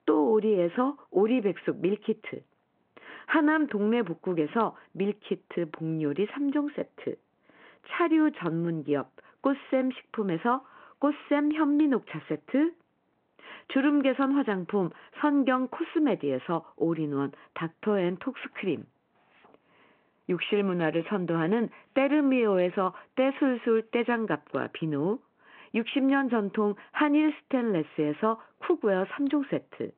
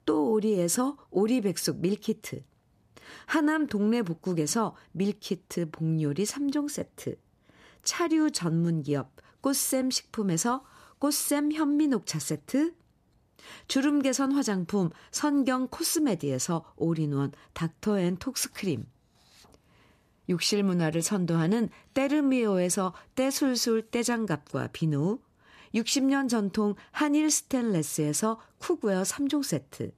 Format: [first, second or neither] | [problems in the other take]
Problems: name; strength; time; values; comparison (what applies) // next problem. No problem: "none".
second | phone-call audio